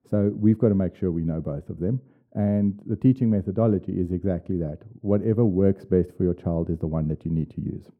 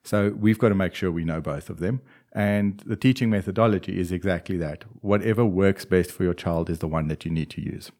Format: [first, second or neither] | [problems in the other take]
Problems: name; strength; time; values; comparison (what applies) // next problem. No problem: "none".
second | muffled; very; fading above 1 kHz